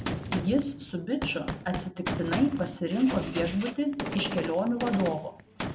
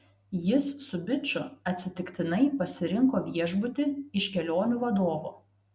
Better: second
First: background sound (Gunshot, gunfire); 6 dB below the speech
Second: none

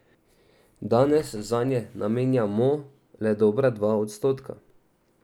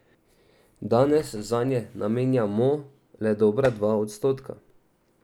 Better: first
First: none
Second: background sound (Tap); 15 dB below the speech

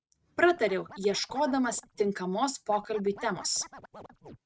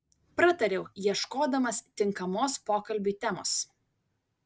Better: second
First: noise reduction (neural mask model RNNoise)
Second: none

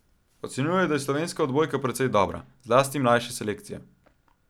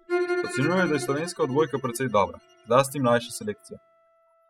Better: first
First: none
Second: noise reduction (classical method spectral subtraction)

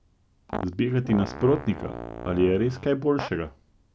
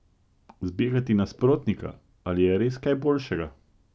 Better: second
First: background sound (Fart); 10 dB below the speech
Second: none

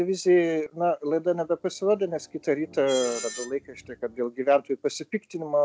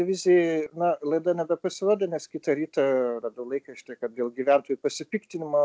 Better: second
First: background sound (Screech); 18 dB below the speech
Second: none

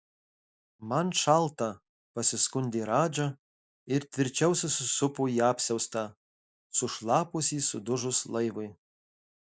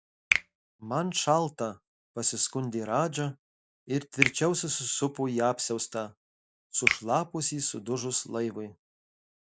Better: first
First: none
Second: background sound (Finger snapping); 5 dB below the speech

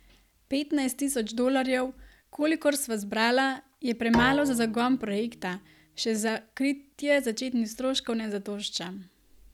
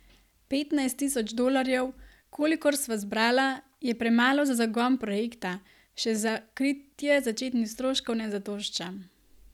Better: second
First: background sound (Bowed string instrument); 10 dB below the speech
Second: none

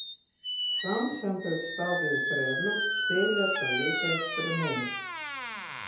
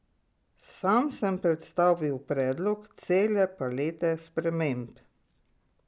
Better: second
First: background sound (Squeak); 1 dB above the speech // room echo; dies away in 0.7 s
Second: none

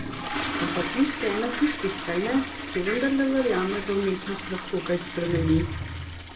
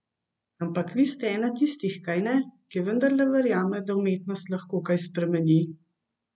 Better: second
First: background sound (Toilet flush); 5 dB below the speech // room echo; dies away in 0.8 s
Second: none

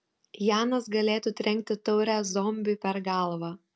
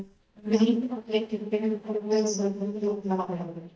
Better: first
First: none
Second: noise reduction (neural mask model DeepFilterNet 3)

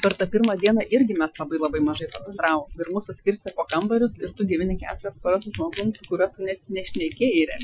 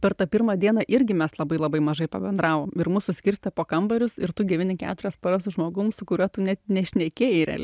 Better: second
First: noise reduction (classical method Wiener filter)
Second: none

